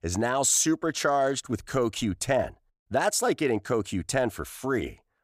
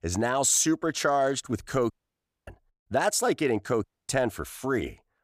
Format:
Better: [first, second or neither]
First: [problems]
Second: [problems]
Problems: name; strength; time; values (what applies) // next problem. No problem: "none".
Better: first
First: none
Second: audio cutting out; at 2 s for 0.5 s and at 4 s